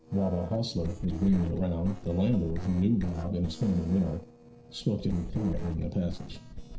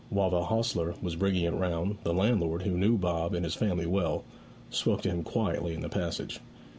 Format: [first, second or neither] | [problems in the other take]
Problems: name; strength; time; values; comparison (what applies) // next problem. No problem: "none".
second | noise reduction (neural separator model SepFormer DNS4)